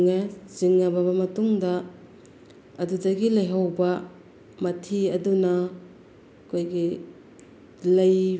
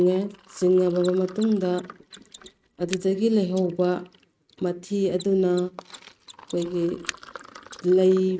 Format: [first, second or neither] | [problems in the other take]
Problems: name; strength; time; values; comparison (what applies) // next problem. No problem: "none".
first | noise reduction (neural mask model RNNoise)